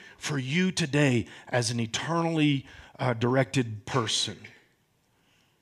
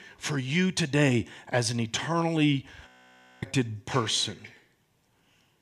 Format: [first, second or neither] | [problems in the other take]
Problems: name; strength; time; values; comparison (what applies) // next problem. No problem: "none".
first | audio freezing; at 3 s for 0.5 s